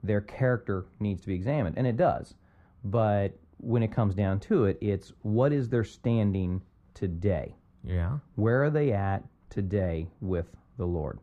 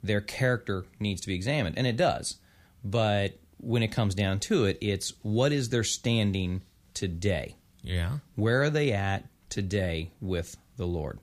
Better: second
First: muffled; very; fading above 2.5 kHz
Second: none

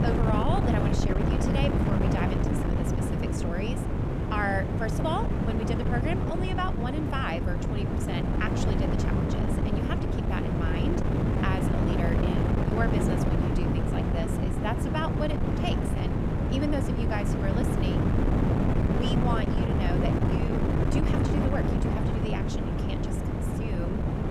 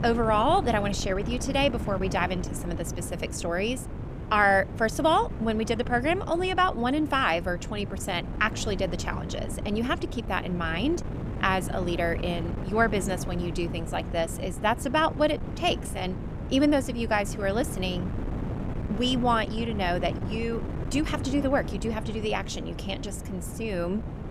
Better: second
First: wind noise on the microphone; heavy; 1 dB above the speech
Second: wind noise on the microphone; occasional gusts; 15 dB below the speech

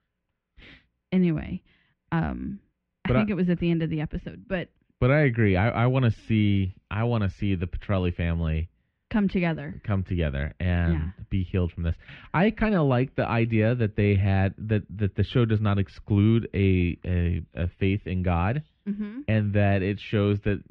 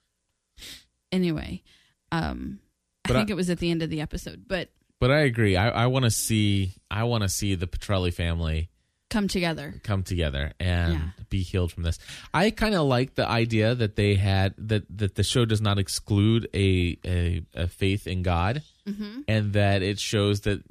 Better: second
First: muffled; very; fading above 2.5 kHz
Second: none

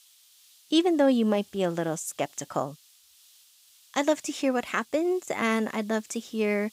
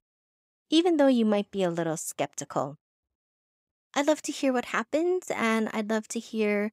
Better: second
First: hiss; faint; throughout; 25 dB below the speech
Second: none

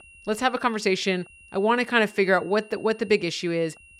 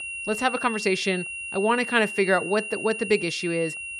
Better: first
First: high-pitched whine; faint; throughout; 2.5 kHz, 25 dB below the speech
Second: high-pitched whine; loud; throughout; 2.5 kHz, 7 dB below the speech

